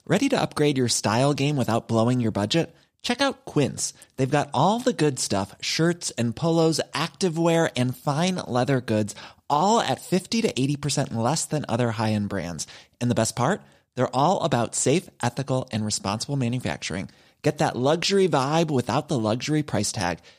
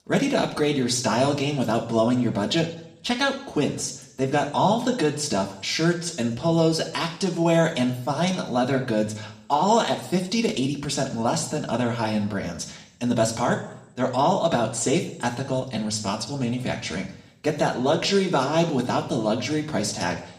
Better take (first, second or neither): first